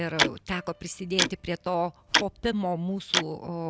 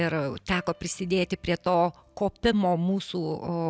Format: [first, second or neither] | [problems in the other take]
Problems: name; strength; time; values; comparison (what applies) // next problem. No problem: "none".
second | background sound (Tick-tock); 1 dB below the speech